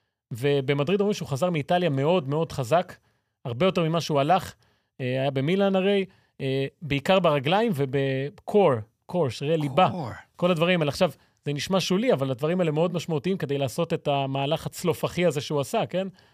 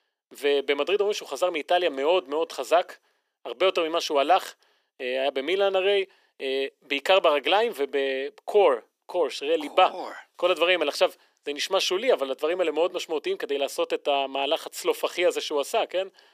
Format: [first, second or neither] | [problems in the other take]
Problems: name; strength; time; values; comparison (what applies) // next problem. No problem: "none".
first | thin; very; fading below 300 Hz